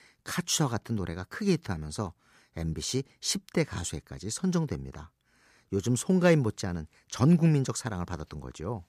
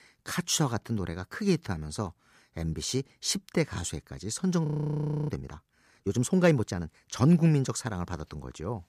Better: first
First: none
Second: audio freezing; at 4.5 s for 0.5 s

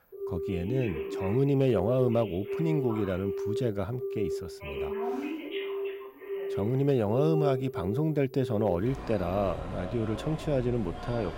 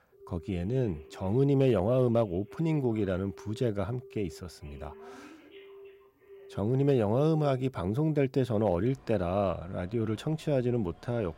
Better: second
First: alarms or sirens; loud; throughout; 6 dB below the speech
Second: alarms or sirens; faint; throughout; 25 dB below the speech

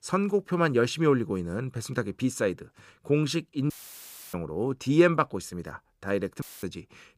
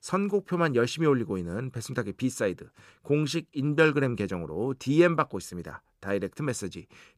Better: second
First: audio cutting out; filled with static; at 3.5 s for 0.5 s and at 6.5 s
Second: none

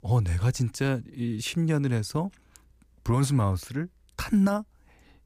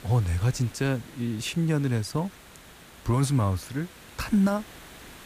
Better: first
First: none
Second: hiss; noticeable; throughout; 20 dB below the speech

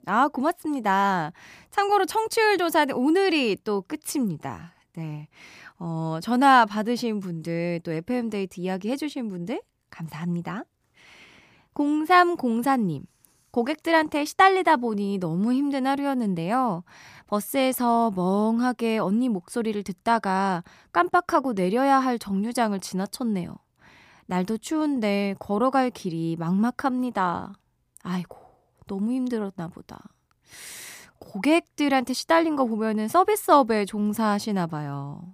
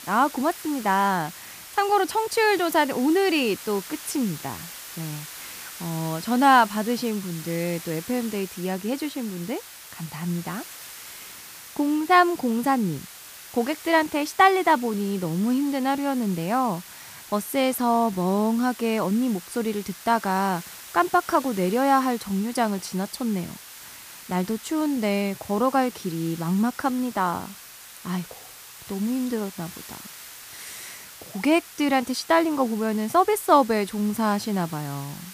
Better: first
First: none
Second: hiss; noticeable; throughout; 15 dB below the speech

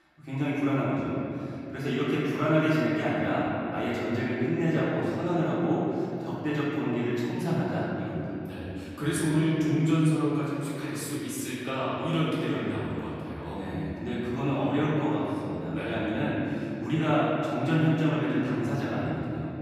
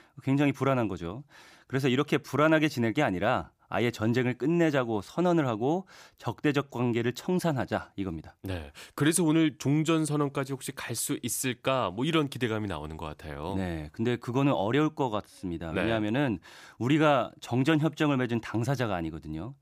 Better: second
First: room echo; strong; dies away in 2.8 s // off-mic speech; far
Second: none

